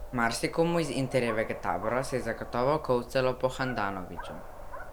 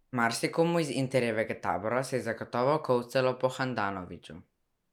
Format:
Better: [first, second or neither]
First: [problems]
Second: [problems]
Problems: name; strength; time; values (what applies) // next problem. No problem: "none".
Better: second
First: background sound (Dog); 10 dB below the speech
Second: none